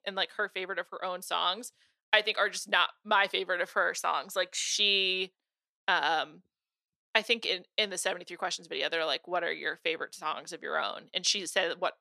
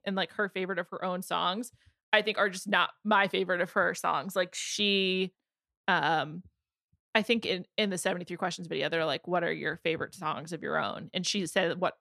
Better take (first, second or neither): second